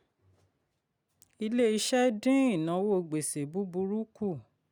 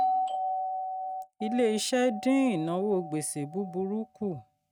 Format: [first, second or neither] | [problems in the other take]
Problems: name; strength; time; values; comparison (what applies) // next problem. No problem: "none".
first | noise reduction (neural mask model RNNoise)